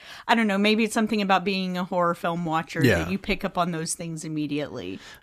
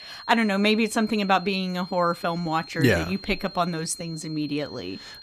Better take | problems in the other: first | high-pitched whine; noticeable; throughout; 4 kHz, 15 dB below the speech

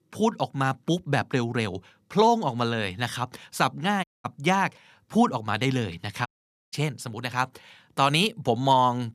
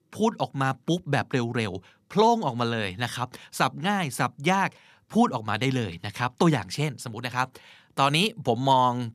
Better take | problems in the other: second | audio cutting out; at 4 s and at 6.5 s

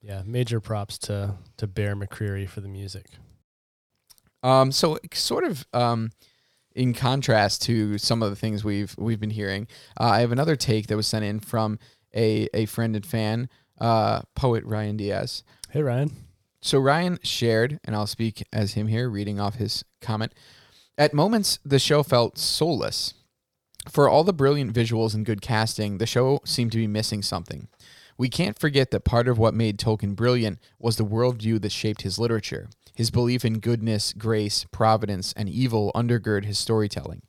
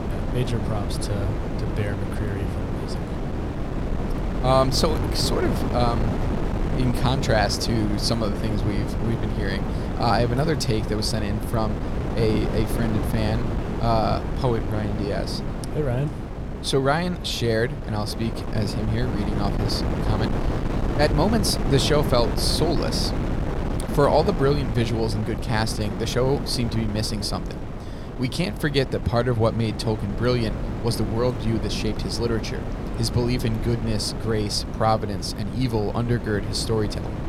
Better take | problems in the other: first | wind noise on the microphone; heavy; 7 dB below the speech

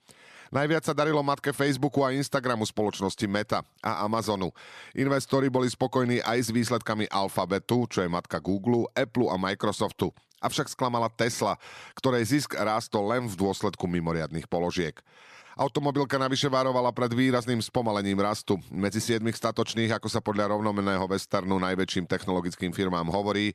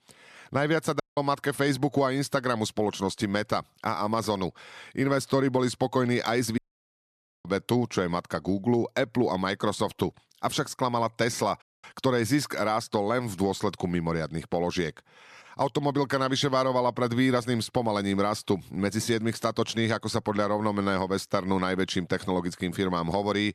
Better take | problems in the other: first | audio cutting out; at 1 s, at 6.5 s for 1 s and at 12 s

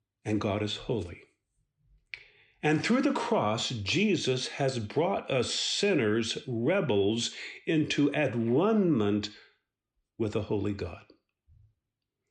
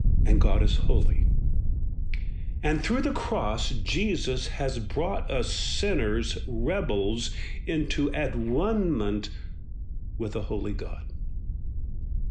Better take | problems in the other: first | wind noise on the microphone; occasional gusts; 20 dB below the speech

